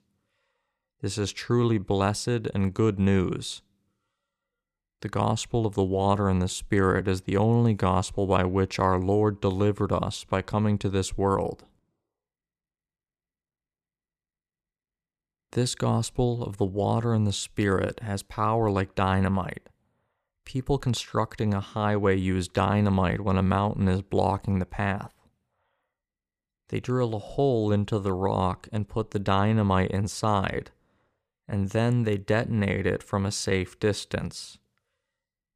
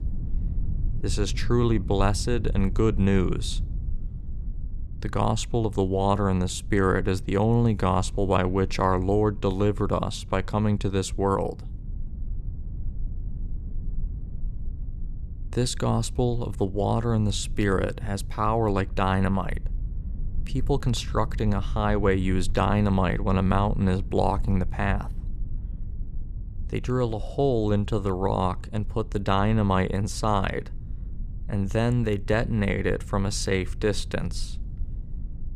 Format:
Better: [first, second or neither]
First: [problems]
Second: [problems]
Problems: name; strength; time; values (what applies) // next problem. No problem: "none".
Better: first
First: none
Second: low rumble; faint; throughout; 25 dB below the speech